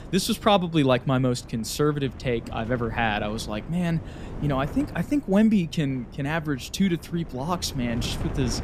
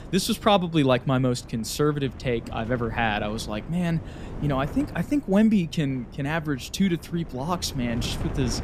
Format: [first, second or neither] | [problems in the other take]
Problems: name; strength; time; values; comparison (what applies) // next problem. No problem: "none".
neither | wind noise on the microphone; occasional gusts; 15 dB below the speech; the same in both